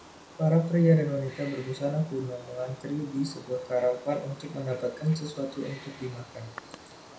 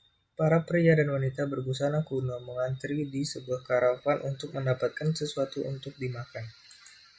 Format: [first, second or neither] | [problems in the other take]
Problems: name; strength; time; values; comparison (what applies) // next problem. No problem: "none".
second | background sound (Wild animals); 19 dB below the speech // room echo; dies away in 0.4 s